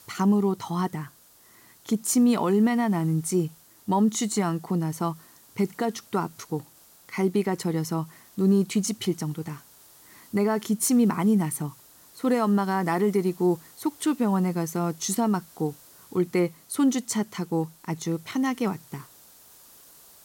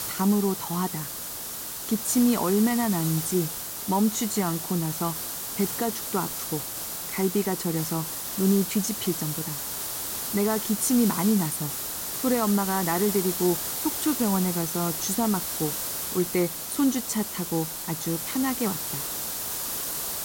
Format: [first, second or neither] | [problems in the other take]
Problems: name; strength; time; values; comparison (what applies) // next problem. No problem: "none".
first | hiss; loud; throughout; 3 dB below the speech; faint in the first